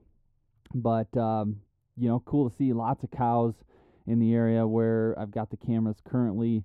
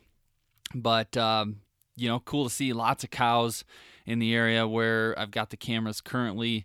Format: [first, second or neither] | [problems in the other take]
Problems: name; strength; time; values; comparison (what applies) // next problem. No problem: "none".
second | muffled; very; fading above 1 kHz